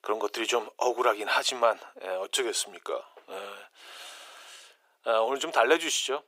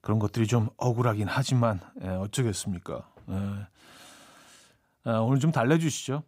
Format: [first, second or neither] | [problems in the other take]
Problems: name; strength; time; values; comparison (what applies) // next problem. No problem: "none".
second | thin; very; fading below 400 Hz